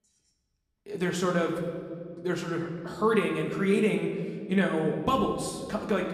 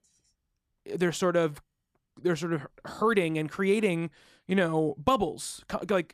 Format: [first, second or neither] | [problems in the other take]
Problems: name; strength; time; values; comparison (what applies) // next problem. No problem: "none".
second | room echo; slight; dies away in 1.6 s // off-mic speech; somewhat distant